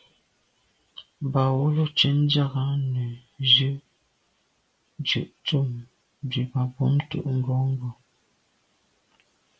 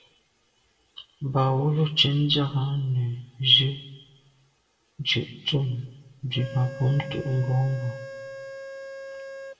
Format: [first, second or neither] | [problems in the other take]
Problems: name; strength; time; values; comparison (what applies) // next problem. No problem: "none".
first | background sound (Organ); 12 dB below the speech // room echo; dies away in 0.8 s